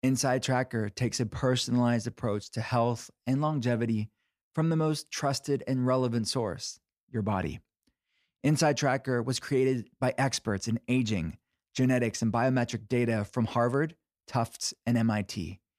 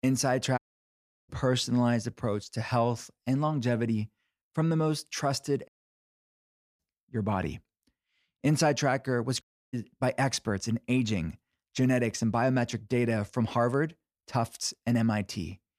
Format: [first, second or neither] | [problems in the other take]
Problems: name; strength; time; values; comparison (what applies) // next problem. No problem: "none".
first | audio cutting out; at 0.5 s for 0.5 s, at 5.5 s for 1 s and at 9.5 s